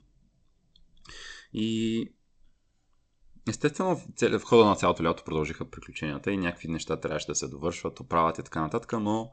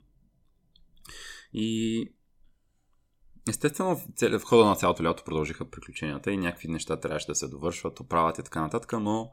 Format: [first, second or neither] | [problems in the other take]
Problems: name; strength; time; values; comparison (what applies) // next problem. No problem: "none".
second | garbled, watery; slightly; nothing above 7.5 kHz